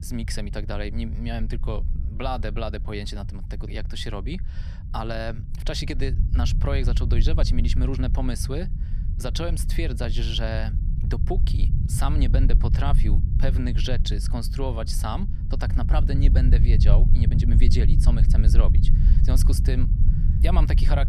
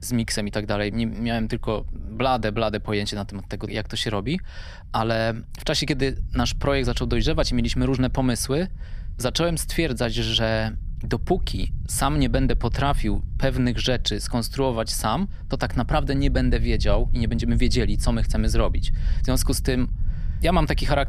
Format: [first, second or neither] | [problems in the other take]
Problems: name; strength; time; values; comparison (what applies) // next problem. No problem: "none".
second | low rumble; loud; throughout; 7 dB below the speech; faint in the second